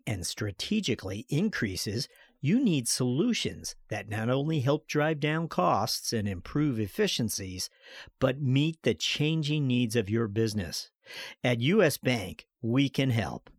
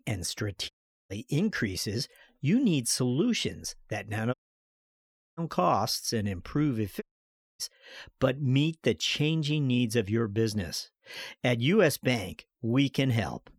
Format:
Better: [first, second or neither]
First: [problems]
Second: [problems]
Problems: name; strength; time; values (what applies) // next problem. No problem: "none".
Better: first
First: none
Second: audio cutting out; at 0.5 s, at 4.5 s for 1 s and at 7 s for 0.5 s